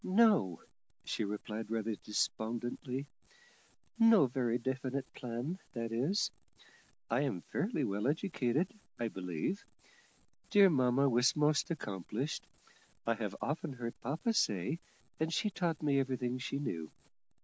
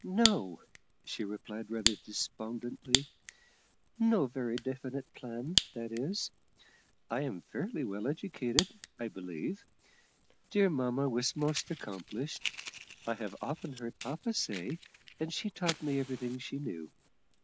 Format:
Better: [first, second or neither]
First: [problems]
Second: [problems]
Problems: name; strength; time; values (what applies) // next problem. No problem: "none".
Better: first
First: none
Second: background sound (Fire); 5 dB below the speech